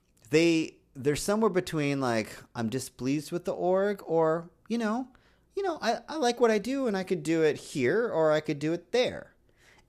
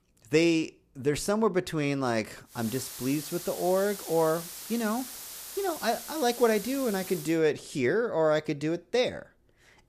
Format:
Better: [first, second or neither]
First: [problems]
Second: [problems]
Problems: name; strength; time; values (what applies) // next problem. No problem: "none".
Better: first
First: none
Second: hiss; noticeable; from 2.5 to 7.5 s; 10 dB below the speech